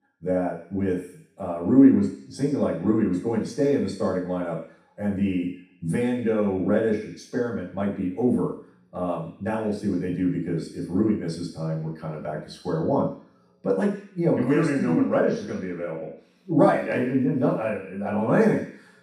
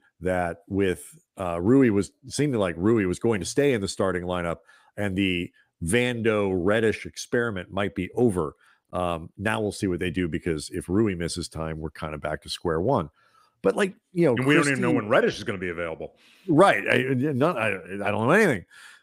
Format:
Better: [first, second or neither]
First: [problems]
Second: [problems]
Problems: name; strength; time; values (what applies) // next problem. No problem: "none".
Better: second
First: room echo; noticeable; dies away in 0.7 s // off-mic speech; far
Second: none